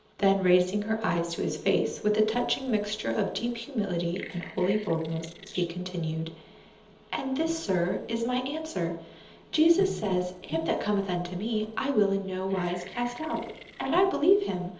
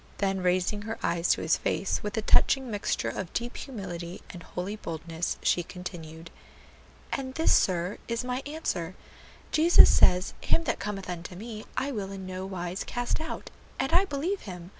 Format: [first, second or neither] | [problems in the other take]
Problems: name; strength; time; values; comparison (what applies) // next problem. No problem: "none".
second | noise reduction (neural separator model SepFormer DNS4)